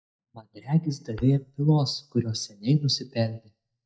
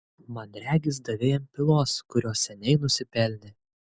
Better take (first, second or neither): second